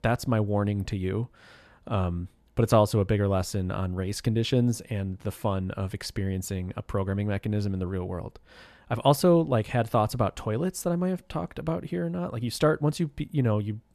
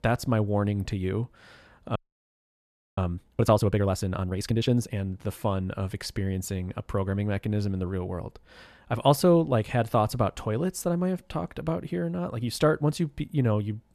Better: first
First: none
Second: audio freezing; at 2 s for 1 s

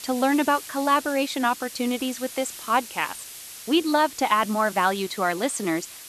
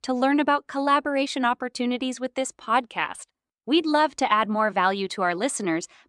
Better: second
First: hiss; noticeable; throughout; 15 dB below the speech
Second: none

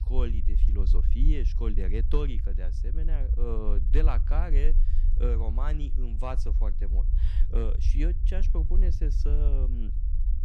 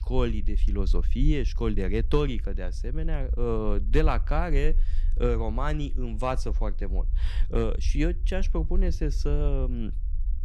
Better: second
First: low rumble; loud; throughout; 10 dB below the speech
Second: low rumble; faint; throughout; 20 dB below the speech

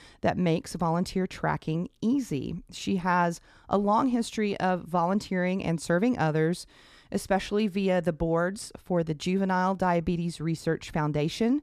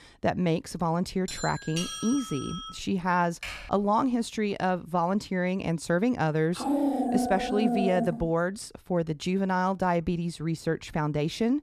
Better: first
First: none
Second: doorbell; noticeable; from 1.5 to 3 s; peak 5 dB below the speech // keyboard typing; noticeable; at 3.5 s; peak 9 dB below the speech // dog barking; loud; from 6.5 to 8.5 s; peak 2 dB above the speech

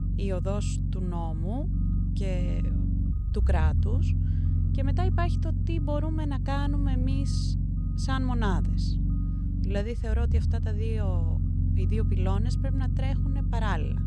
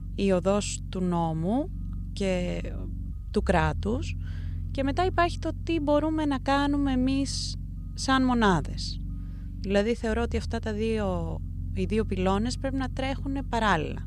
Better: second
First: low rumble; loud; throughout; 5 dB below the speech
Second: low rumble; faint; throughout; 20 dB below the speech

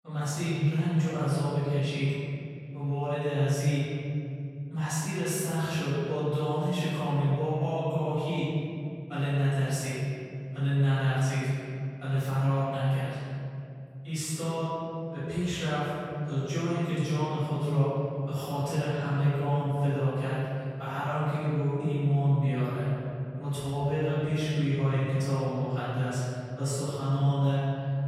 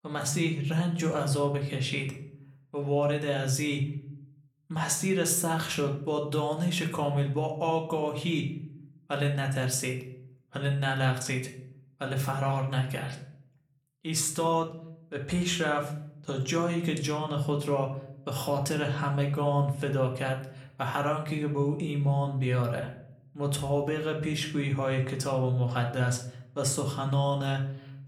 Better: second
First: room echo; strong; dies away in 2.6 s // off-mic speech; far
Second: room echo; slight; dies away in 0.5 s // off-mic speech; somewhat distant

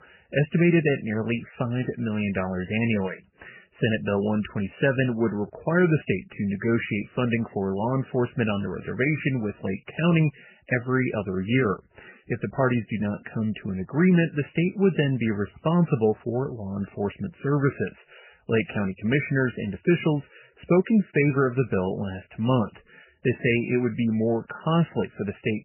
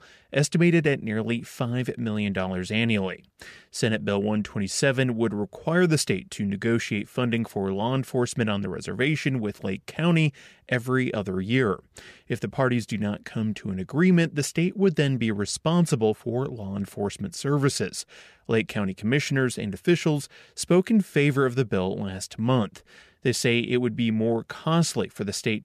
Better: second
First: garbled, watery; badly; nothing above 3 kHz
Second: none

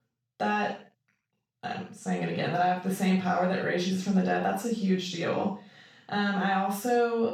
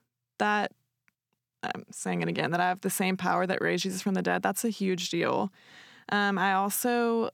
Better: second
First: room echo; noticeable; dies away in 0.4 s // off-mic speech; far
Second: none

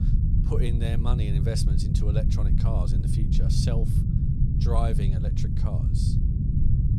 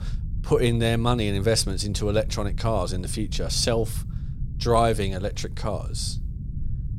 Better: second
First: low rumble; loud; throughout; 1 dB below the speech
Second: low rumble; faint; throughout; 20 dB below the speech

